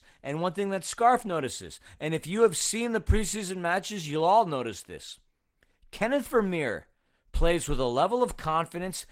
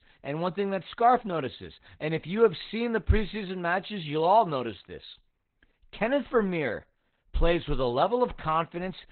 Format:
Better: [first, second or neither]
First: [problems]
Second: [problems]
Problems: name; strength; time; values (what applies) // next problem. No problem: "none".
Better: first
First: garbled, watery; slightly; nothing above 16 kHz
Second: garbled, watery; badly; nothing above 4 kHz